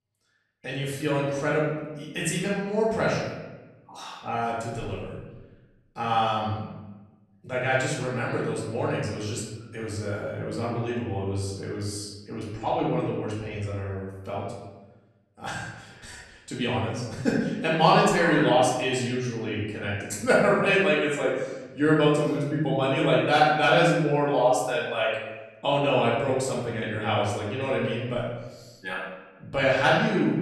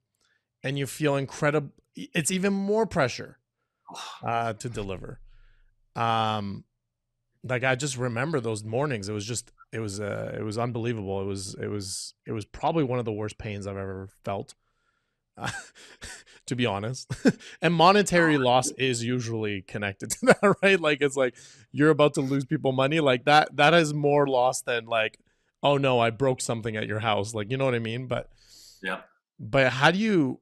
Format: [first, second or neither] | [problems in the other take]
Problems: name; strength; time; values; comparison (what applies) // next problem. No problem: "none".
second | room echo; noticeable; dies away in 1 s // off-mic speech; far